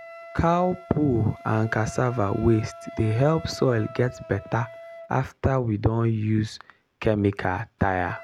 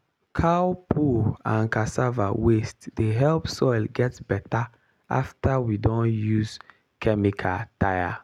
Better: second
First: background sound (Wind instrument, woodwind instrument); 19 dB below the speech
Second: none

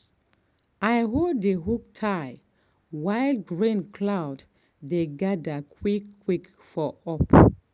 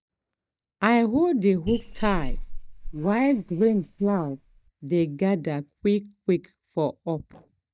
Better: first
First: none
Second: noise reduction (neural mask model DeepFilterNet 3)

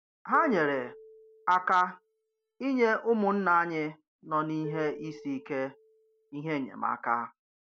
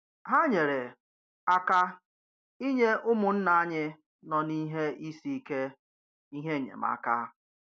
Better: second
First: background sound (Marimba, xylophone); 18 dB below the speech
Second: none

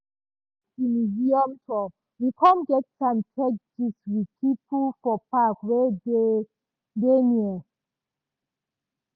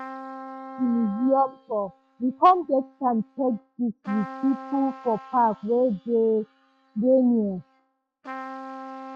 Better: first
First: none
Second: noise reduction (classical method log-MMSE)

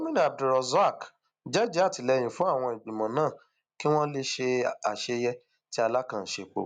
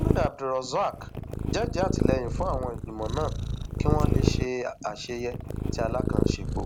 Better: first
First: none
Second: background sound (Purr); 3 dB above the speech

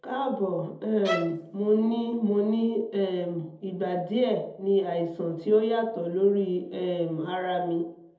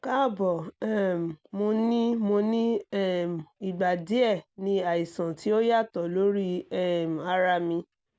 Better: second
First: background sound (Bowed string instrument); 7 dB below the speech // room echo; dies away in 0.8 s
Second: none

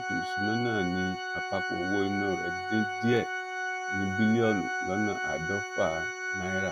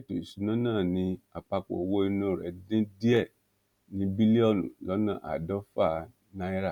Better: second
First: background sound (Organ); 2 dB below the speech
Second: none

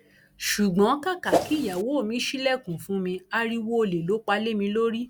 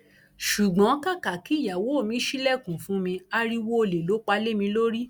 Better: second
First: background sound (Whoosh, swoosh, swish); as loud as the speech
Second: none

